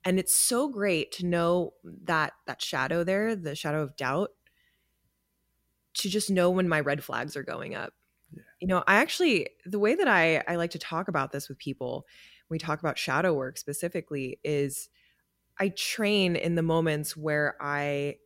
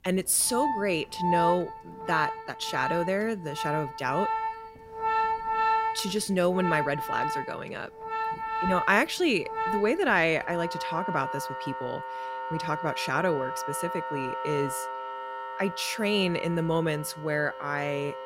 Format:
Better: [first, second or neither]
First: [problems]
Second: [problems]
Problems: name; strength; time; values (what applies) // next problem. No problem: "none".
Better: first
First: none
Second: background music; loud; throughout; 4 dB below the speech